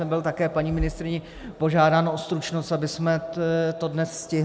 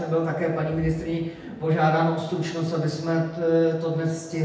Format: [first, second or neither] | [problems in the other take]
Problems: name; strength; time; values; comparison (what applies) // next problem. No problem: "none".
first | room echo; dies away in 0.8 s